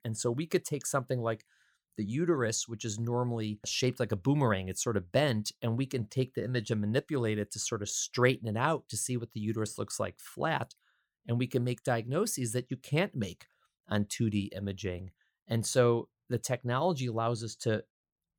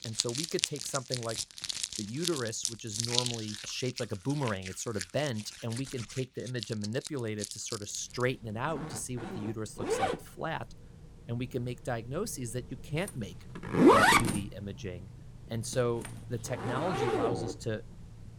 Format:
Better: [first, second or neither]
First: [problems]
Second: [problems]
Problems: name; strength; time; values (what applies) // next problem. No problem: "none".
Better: first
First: none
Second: household noises; very loud; throughout; 5 dB above the speech